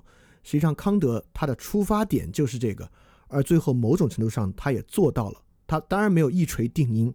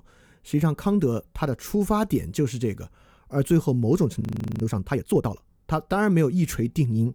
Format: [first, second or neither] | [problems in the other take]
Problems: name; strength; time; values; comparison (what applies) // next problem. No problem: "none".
first | audio freezing; at 4 s